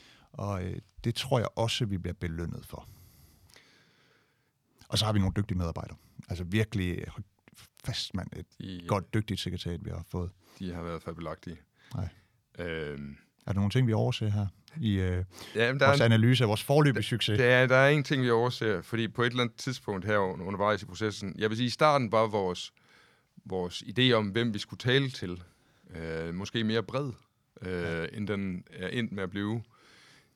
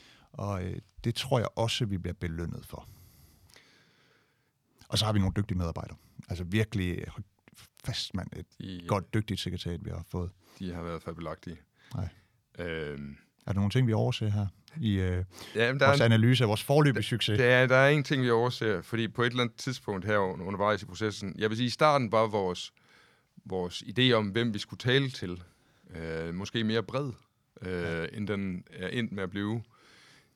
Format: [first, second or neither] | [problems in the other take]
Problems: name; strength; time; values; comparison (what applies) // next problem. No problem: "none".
neither | none